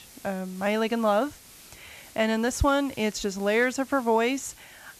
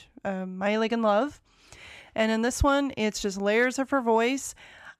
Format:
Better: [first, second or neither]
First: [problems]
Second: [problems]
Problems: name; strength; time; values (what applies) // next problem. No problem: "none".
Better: second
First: hiss; faint; throughout; 20 dB below the speech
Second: none